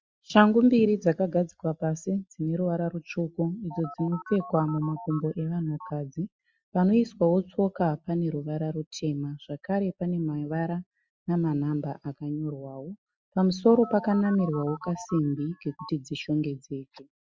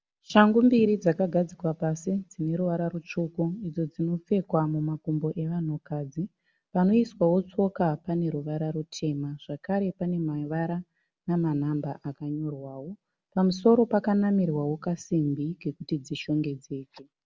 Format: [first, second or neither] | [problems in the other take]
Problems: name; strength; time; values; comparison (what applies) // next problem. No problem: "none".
second | noise reduction (classical method Wiener filter)